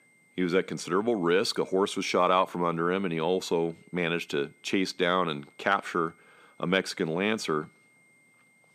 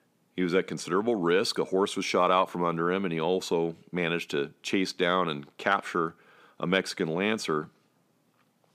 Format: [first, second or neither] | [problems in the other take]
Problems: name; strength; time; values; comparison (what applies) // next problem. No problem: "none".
second | high-pitched whine; faint; throughout; 2 kHz, 35 dB below the speech